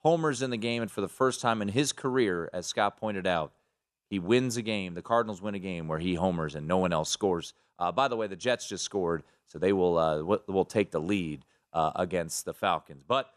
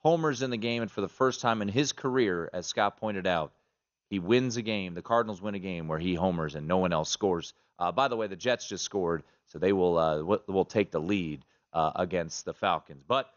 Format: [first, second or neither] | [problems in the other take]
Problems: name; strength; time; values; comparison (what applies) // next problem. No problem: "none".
first | garbled, watery; slightly; nothing above 6.5 kHz